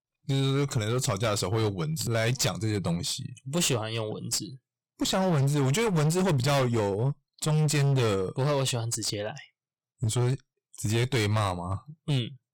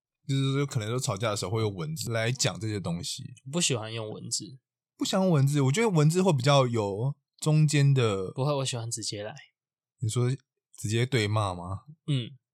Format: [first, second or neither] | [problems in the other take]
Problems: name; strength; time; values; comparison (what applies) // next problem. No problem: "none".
second | distortion; heavy; 19% of the sound clipped